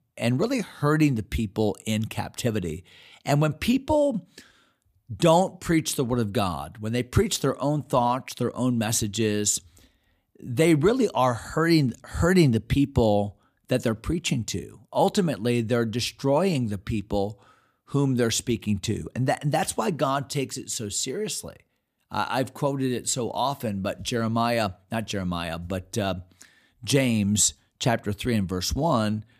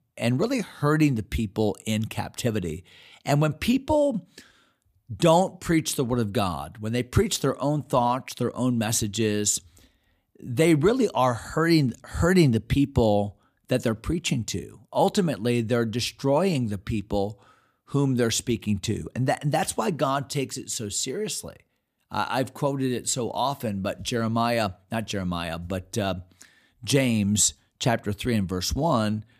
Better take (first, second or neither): neither